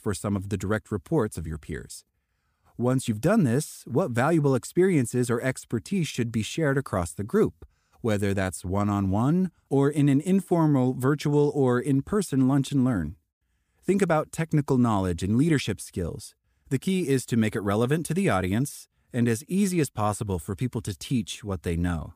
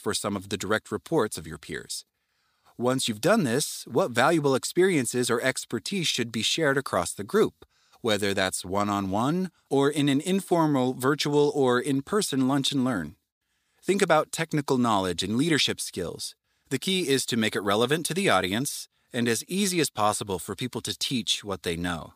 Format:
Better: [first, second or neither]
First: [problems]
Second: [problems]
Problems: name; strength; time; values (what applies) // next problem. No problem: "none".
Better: first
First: none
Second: thin; very slightly; fading below 500 Hz